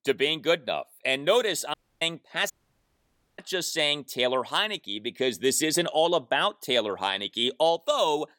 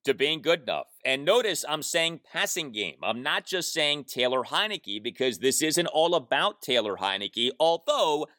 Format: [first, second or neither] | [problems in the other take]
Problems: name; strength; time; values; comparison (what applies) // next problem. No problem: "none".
second | audio cutting out; at 1.5 s and at 2.5 s for 1 s